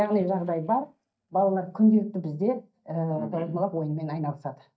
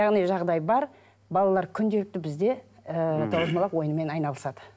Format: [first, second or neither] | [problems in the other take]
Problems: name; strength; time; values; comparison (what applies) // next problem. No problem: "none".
second | noise reduction (neural mask model DeepFilterNet 3)